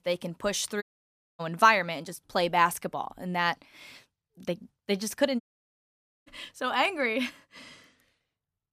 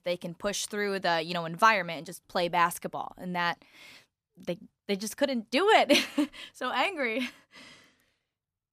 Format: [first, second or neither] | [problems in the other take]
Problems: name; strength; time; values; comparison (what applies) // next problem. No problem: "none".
second | audio cutting out; at 1 s for 0.5 s and at 5.5 s for 1 s